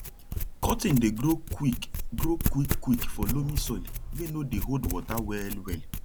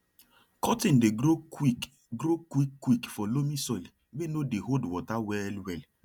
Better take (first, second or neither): second